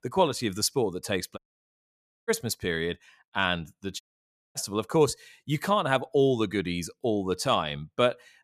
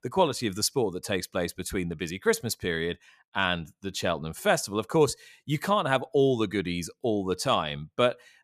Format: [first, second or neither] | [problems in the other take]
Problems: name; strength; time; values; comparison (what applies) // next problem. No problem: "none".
second | audio cutting out; at 1.5 s for 1 s and at 4 s for 0.5 s